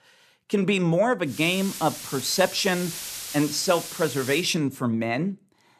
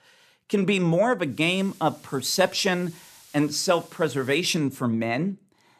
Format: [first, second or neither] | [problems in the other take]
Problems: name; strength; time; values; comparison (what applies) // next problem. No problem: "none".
second | hiss; loud; from 1.5 to 4.5 s; 9 dB below the speech; faint in the second